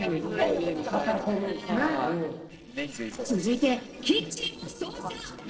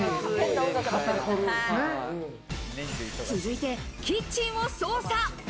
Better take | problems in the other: second | noise reduction (neural separator model SepFormer DNS4)

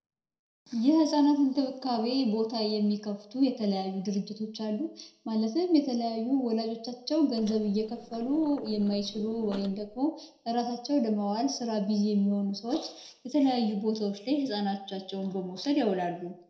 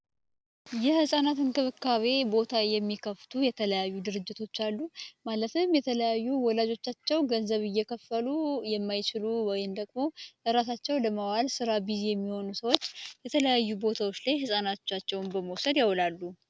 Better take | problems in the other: second | noise reduction (neural separator model SepFormer DNS4)

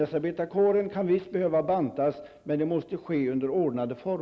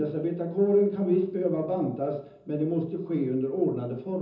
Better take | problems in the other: first | room echo; dies away in 0.6 s

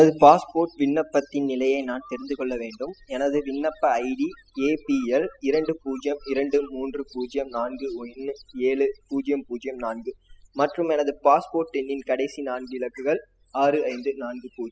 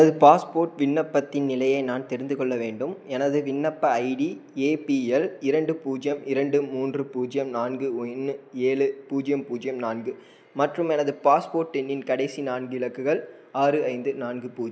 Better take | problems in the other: second | noise reduction (classical method spectral subtraction)

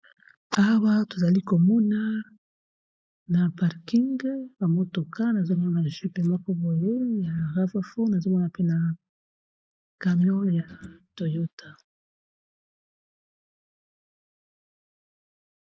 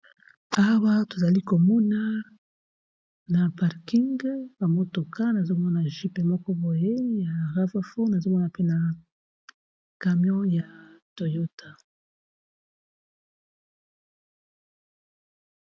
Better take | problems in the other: second | noise reduction (neural mask model Resemble Enhance denoiser)

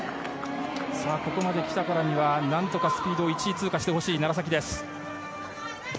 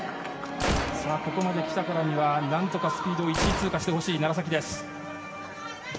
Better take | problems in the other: first | background sound (Gunshot, gunfire); 6 dB below the speech // room echo; dies away in 0.6 s

